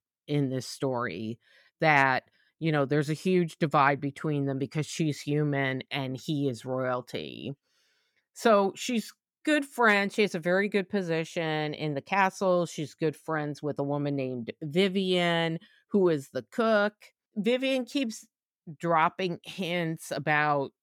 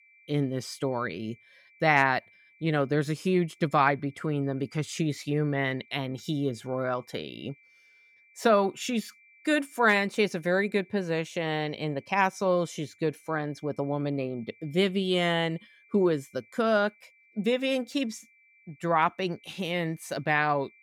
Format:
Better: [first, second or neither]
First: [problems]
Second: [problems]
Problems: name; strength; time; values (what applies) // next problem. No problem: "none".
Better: first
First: none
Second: high-pitched whine; faint; throughout; 2.5 kHz, 30 dB below the speech